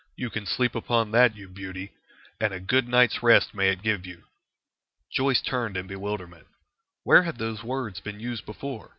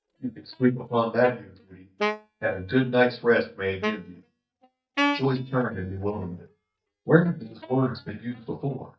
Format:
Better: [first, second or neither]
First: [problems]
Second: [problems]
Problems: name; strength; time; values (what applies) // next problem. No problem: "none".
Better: first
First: none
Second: noise reduction (neural mask model DeepFilterNet 3)